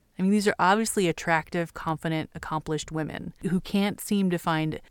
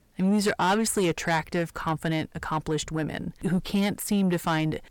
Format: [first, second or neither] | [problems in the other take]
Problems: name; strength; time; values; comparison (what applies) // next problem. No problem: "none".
first | distortion; slight; 10 dB below the speech